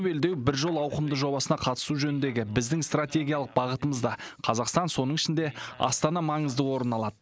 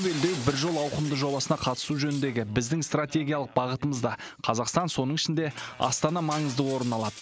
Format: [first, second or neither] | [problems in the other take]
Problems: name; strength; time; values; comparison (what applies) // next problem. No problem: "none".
first | background sound (Shatter); 17 dB below the speech